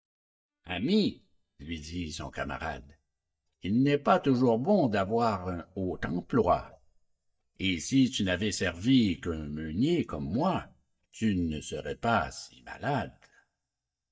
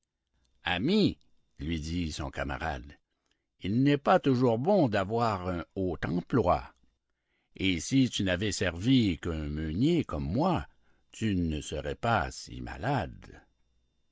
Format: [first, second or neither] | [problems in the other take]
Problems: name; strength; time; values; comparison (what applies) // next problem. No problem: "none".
second | noise reduction (neural mask model DeepFilterNet 3)